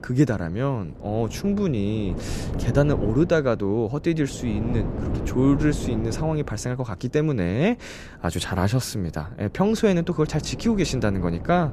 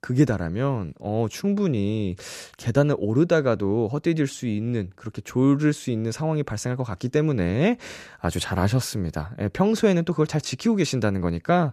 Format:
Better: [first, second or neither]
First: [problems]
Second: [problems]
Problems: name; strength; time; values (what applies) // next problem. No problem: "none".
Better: second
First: wind noise on the microphone; occasional gusts; 10 dB below the speech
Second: none